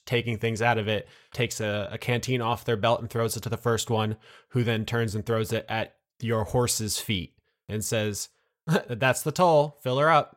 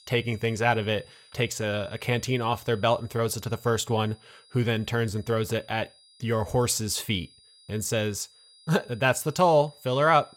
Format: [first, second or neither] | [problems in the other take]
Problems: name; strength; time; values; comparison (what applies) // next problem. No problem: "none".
first | high-pitched whine; faint; throughout; 5 kHz, 25 dB below the speech